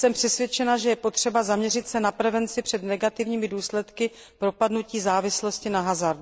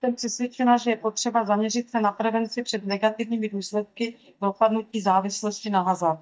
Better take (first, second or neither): first